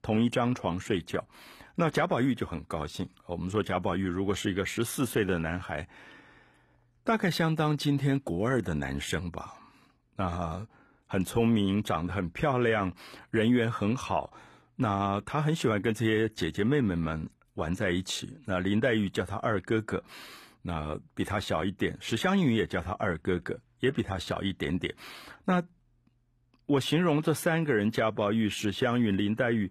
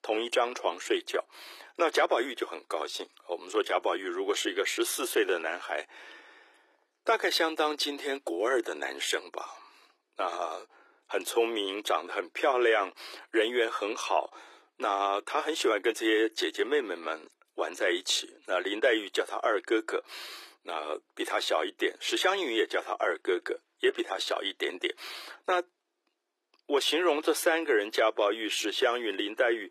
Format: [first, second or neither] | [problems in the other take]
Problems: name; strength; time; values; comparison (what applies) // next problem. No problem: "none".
first | thin; very; fading below 350 Hz